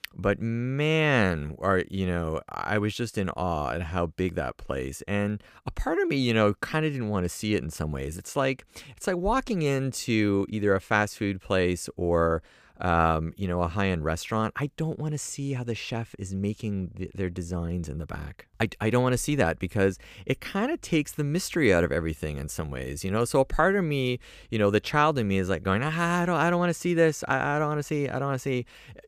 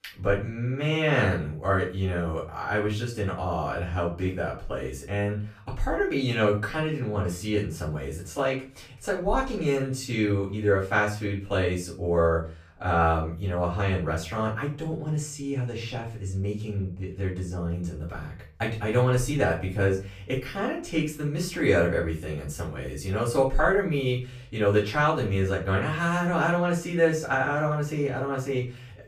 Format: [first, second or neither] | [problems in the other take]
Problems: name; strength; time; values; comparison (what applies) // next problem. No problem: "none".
first | off-mic speech; far // room echo; slight; dies away in 0.3 s